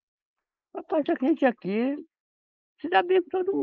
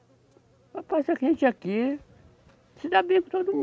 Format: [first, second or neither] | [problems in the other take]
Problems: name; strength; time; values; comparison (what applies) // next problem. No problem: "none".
second | noise reduction (neural mask model Resemble Enhance denoiser)